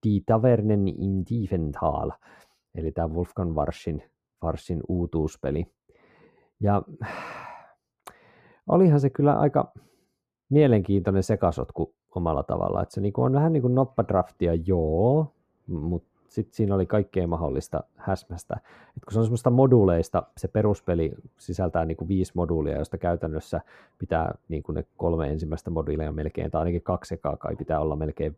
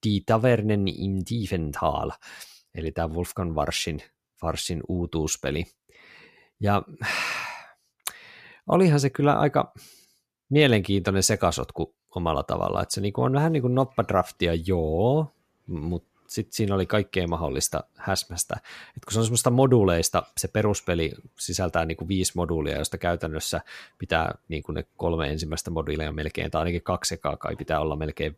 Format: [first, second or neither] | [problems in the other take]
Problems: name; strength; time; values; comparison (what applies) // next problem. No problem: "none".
second | muffled; very; fading above 1.5 kHz